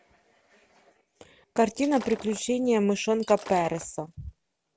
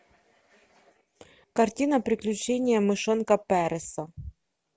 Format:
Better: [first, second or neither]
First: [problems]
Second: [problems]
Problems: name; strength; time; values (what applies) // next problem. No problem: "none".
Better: second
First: background sound (Shatter); 18 dB below the speech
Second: none